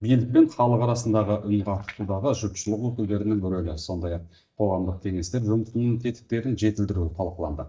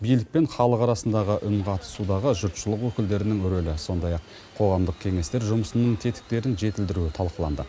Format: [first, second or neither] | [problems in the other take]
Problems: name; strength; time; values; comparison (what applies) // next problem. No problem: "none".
second | noise reduction (neural mask model DeepFilterNet 3)